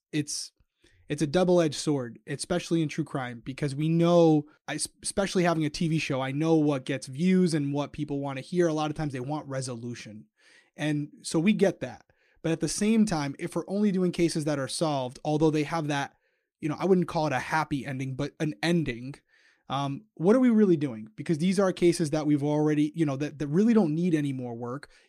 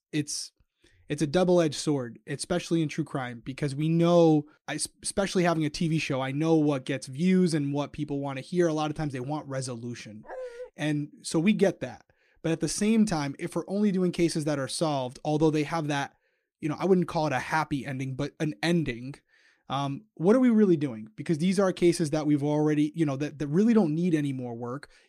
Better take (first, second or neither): first